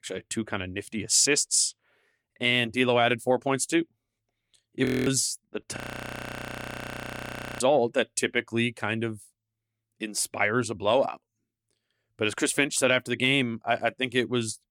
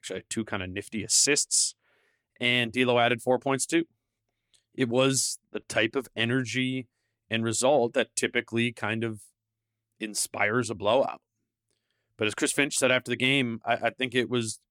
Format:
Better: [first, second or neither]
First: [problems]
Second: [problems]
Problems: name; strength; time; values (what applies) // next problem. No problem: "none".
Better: second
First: audio freezing; at 5 s and at 6 s for 2 s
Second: none